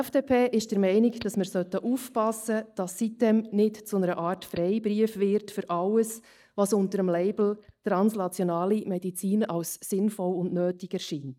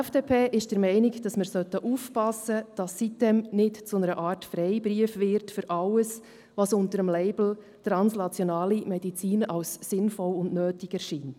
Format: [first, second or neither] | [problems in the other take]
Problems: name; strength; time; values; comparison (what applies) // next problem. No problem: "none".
second | noise reduction (neural mask model DeepFilterNet 3)